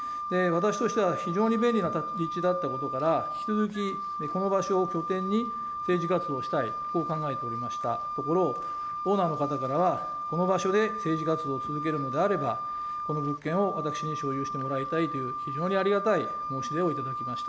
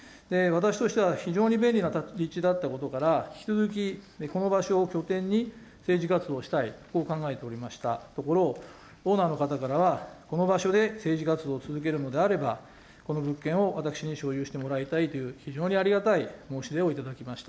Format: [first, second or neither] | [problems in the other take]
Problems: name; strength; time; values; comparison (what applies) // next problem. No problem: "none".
second | background sound (Wind instrument, woodwind instrument); 5 dB below the speech